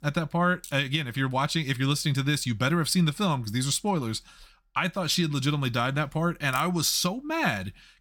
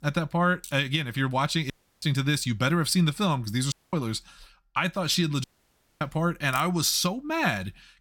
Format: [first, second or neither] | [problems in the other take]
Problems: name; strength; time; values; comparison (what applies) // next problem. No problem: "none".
first | audio cutting out; at 1.5 s, at 3.5 s and at 5.5 s for 0.5 s